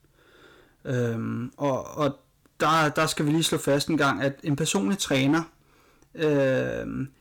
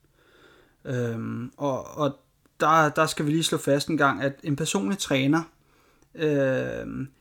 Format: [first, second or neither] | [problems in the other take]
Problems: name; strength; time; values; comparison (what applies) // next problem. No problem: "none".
second | distortion; slight; 6% of the sound clipped